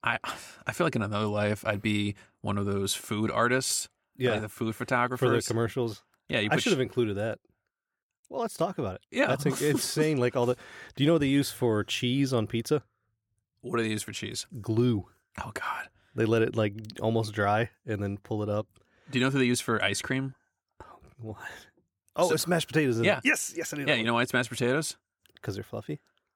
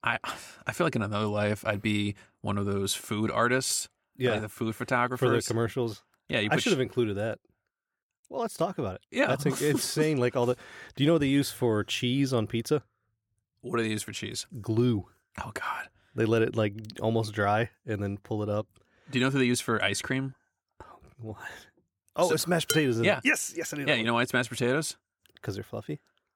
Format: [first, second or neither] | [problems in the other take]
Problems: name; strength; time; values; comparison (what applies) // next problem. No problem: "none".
first | clattering dishes; noticeable; at 23 s; peak 3 dB below the speech